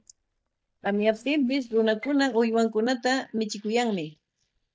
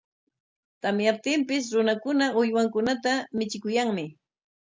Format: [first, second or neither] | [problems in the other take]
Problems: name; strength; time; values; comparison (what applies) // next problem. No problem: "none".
second | noise reduction (neural mask model DeepFilterNet 3)